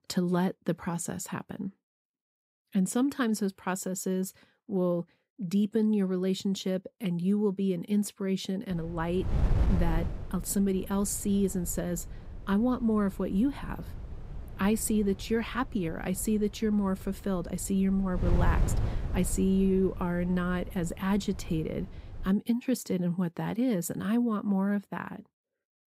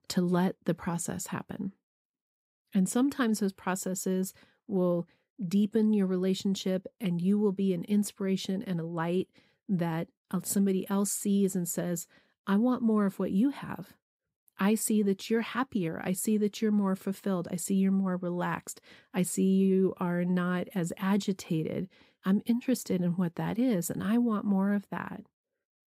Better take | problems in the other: second | wind noise on the microphone; occasional gusts; from 8.5 to 22 s; 15 dB below the speech

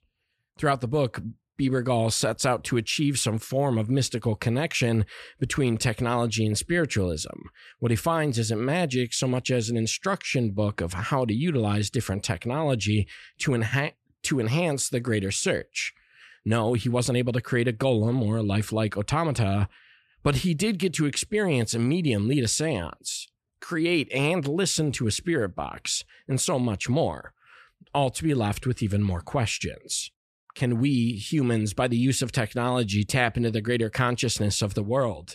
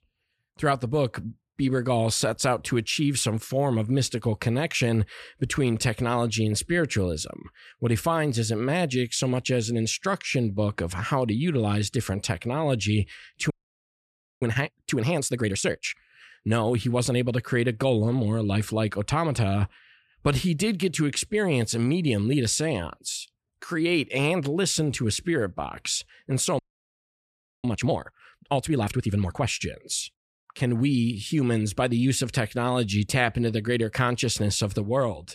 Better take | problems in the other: first | audio freezing; at 14 s for 1 s and at 27 s for 1 s

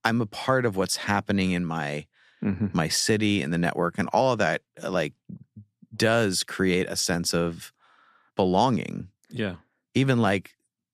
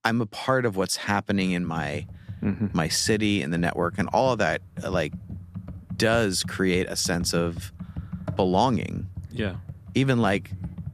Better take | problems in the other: first | keyboard typing; noticeable; from 1.5 s on; peak 8 dB below the speech

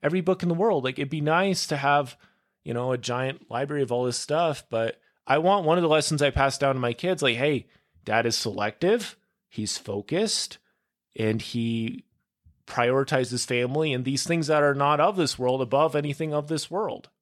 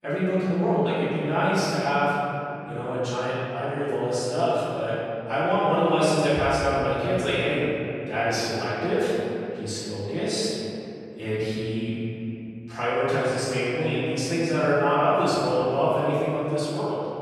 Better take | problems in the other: first | room echo; strong; dies away in 2.7 s // off-mic speech; far

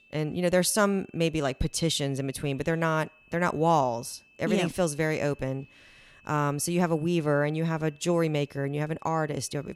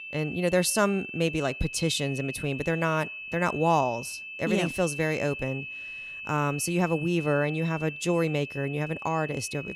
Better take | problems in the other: first | high-pitched whine; loud; throughout; 2.5 kHz, 9 dB below the speech; faint in the first

